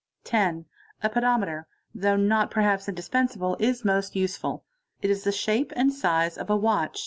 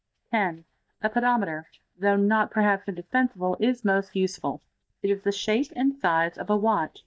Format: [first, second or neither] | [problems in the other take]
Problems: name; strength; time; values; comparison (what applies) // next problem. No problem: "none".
first | noise reduction (neural mask model DeepFilterNet 3)